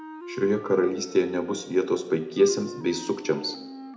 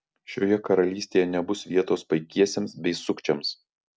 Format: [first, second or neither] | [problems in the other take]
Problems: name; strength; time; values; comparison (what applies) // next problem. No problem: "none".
second | background sound (Wind instrument, woodwind instrument); 15 dB below the speech // room echo; dies away in 0.6 s